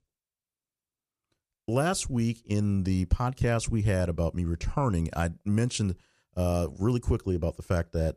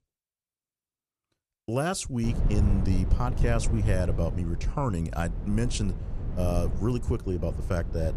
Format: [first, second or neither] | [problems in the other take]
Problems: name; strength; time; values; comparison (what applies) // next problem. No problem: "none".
first | low rumble; very faint; from 2 s on; 10 dB below the speech